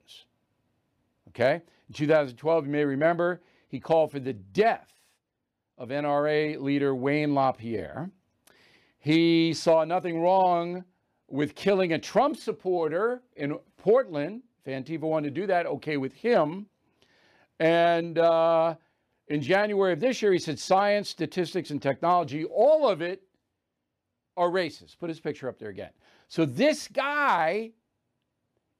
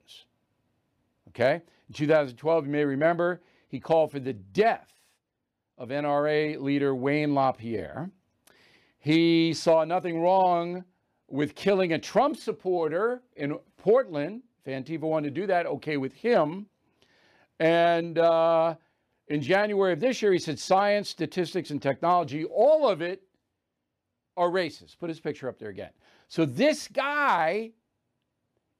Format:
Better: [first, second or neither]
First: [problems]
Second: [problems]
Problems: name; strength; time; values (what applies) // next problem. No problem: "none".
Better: neither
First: none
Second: none